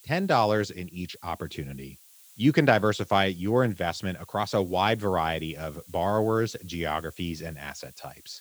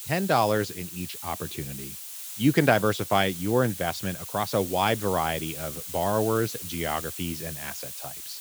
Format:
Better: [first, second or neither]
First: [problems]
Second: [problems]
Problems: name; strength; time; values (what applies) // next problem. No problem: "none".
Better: first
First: hiss; faint; throughout; 25 dB below the speech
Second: hiss; loud; throughout; 9 dB below the speech